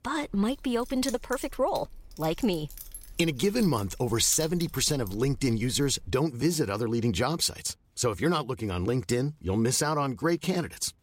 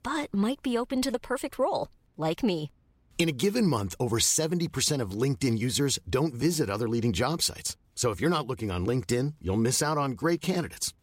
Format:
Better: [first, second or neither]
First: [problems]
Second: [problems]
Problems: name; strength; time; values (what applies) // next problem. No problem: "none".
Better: second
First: jangling keys; noticeable; until 6 s; peak 7 dB below the speech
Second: none